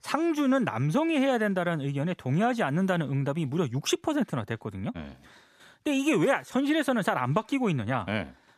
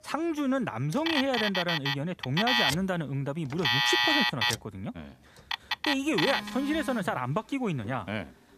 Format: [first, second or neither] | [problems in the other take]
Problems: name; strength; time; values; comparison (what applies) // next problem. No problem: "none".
first | alarms or sirens; very loud; throughout; 3 dB above the speech